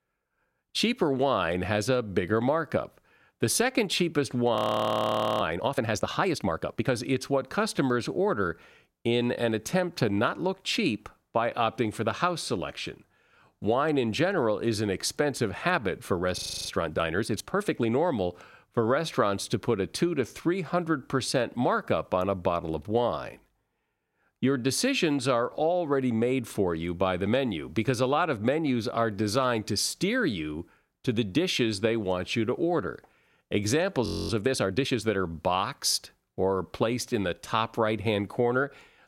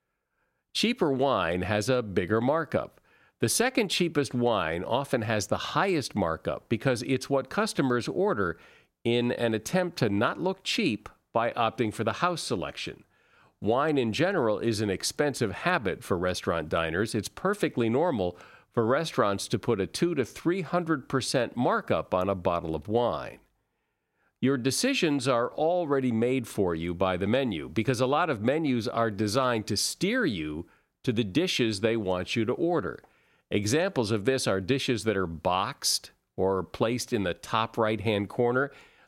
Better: second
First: audio freezing; at 4.5 s for 1 s, at 16 s and at 34 s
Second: none

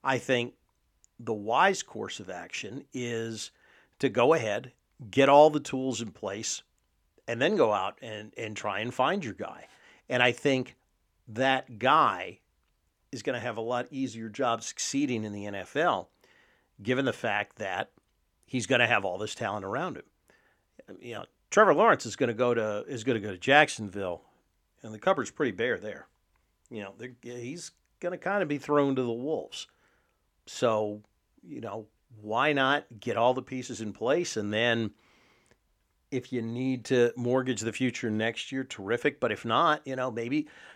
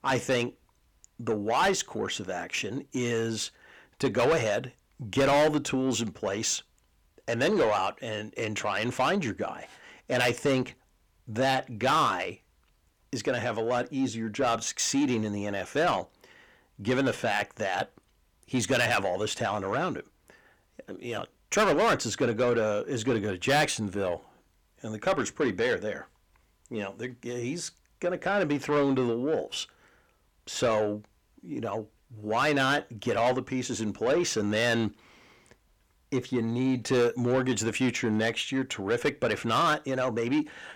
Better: first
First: none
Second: distortion; heavy; 6 dB below the speech

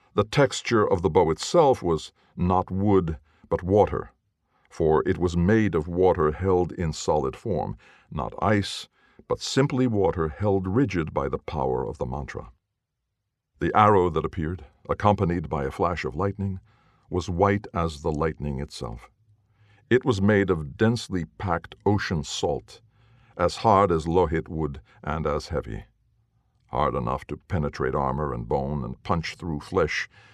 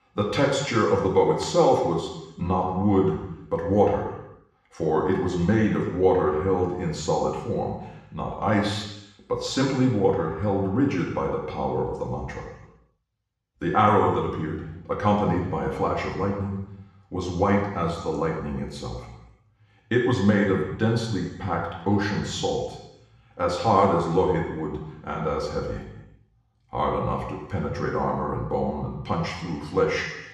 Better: first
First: none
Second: room echo; noticeable; dies away in 0.9 s // off-mic speech; somewhat distant

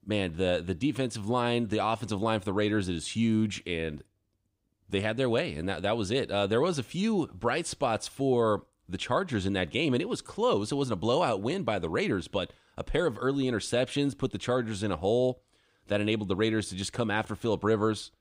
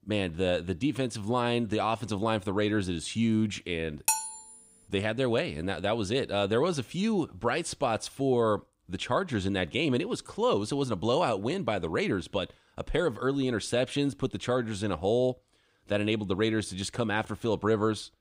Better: first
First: none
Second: clattering dishes; loud; at 4 s; peak 2 dB above the speech

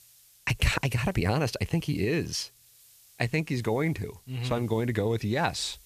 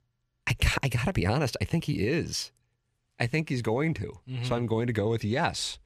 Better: second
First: hiss; faint; throughout; 25 dB below the speech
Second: none

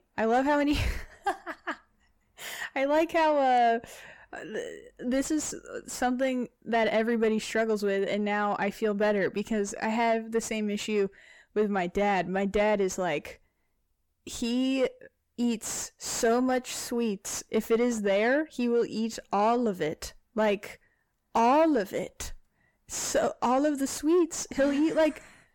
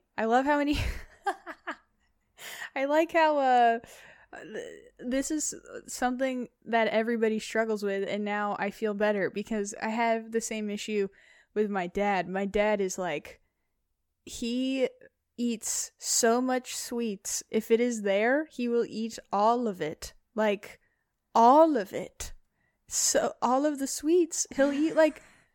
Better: second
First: distortion; slight; 10 dB below the speech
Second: none

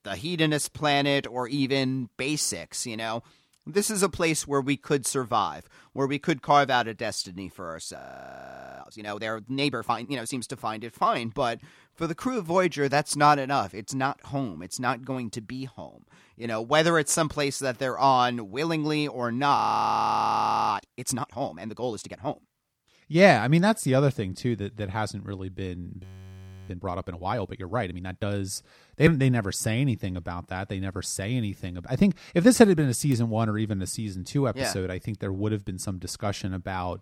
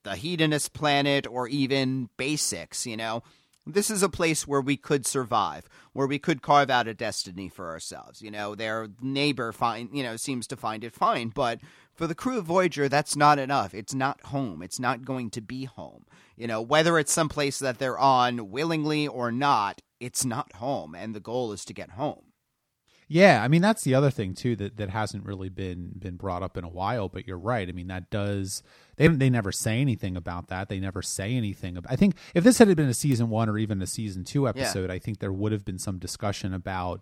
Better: second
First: audio freezing; at 8 s for 1 s, at 20 s for 1 s and at 26 s for 0.5 s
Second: none

